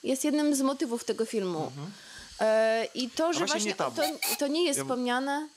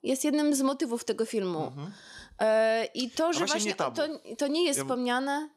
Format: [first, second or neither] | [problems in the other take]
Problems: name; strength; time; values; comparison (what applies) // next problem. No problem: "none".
second | hiss; loud; throughout; 6 dB below the speech